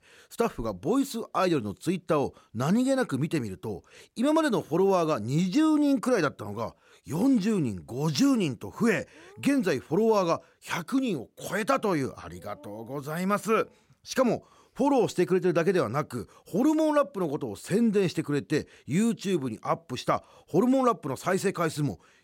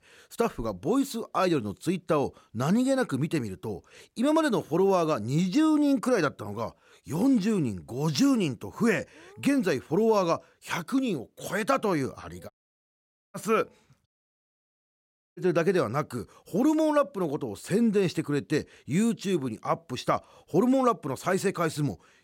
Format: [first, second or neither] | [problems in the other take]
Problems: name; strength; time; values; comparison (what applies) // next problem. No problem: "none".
first | audio cutting out; at 13 s for 1 s and at 14 s for 1.5 s